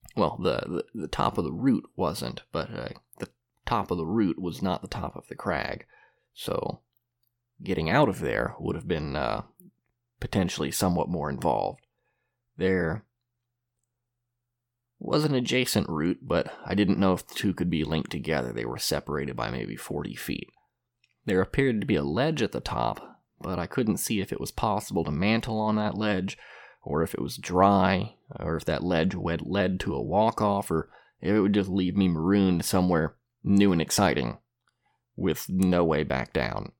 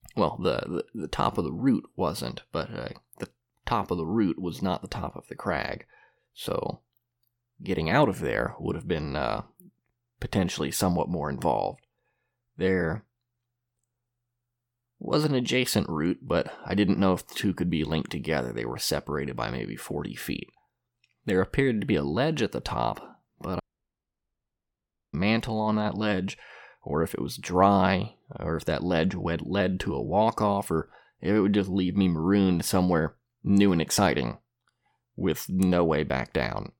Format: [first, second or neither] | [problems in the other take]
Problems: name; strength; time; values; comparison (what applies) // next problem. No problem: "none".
first | audio cutting out; at 24 s for 1.5 s